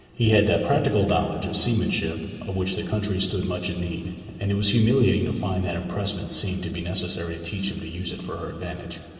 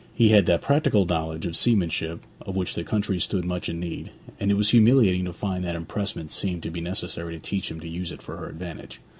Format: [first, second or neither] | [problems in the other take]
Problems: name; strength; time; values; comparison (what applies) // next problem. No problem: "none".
second | room echo; dies away in 2.7 s